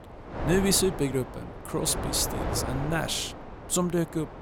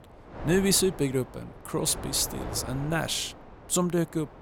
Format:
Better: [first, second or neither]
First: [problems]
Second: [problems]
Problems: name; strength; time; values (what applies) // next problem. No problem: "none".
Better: second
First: wind noise on the microphone; heavy; 7 dB below the speech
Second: wind noise on the microphone; occasional gusts; 15 dB below the speech